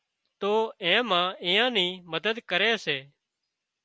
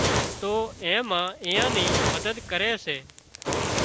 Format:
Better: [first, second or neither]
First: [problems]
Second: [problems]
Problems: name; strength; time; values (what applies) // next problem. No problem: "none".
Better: first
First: none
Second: background sound (Fire); as loud as the speech